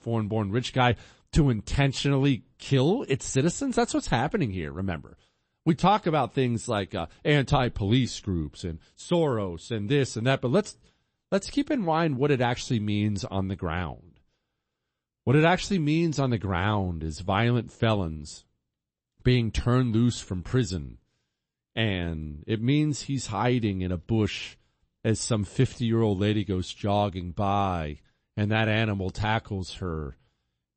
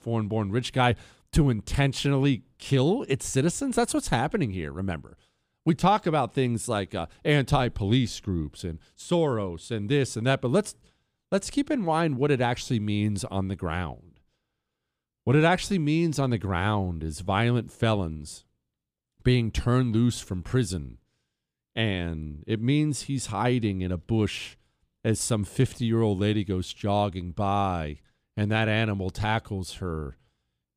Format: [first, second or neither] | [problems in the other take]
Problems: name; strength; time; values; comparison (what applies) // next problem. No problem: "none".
second | garbled, watery; slightly; nothing above 8 kHz